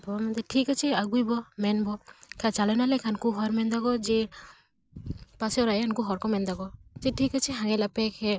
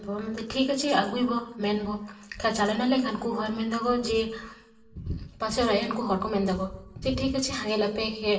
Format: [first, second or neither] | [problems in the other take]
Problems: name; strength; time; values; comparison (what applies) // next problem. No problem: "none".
first | room echo; dies away in 0.8 s